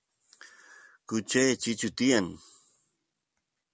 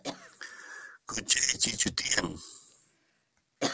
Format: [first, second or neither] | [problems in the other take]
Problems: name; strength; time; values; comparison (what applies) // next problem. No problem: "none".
first | noise reduction (neural separator model SepFormer DNS4)